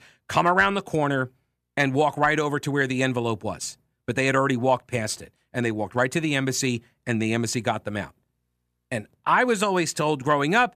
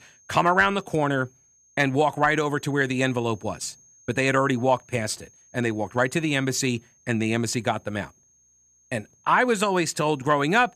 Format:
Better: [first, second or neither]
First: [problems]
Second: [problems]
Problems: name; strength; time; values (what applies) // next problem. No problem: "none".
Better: first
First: none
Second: high-pitched whine; faint; throughout; 6.5 kHz, 30 dB below the speech